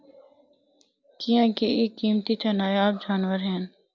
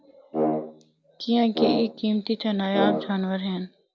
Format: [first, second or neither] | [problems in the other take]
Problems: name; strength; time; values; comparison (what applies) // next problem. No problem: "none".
first | background sound (Brass instrument); 3 dB below the speech